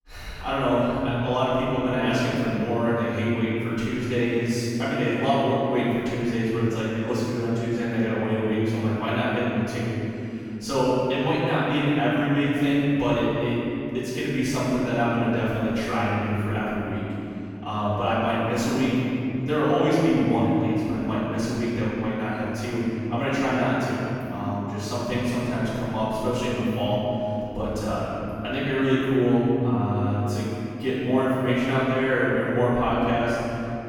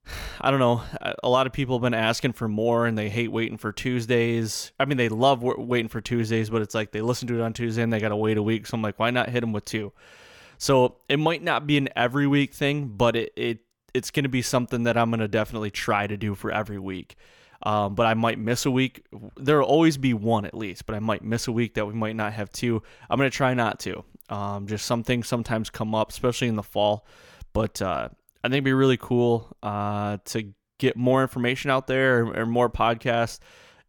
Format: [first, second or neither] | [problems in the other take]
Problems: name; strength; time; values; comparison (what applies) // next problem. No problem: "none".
second | off-mic speech; far // room echo; strong; dies away in 3 s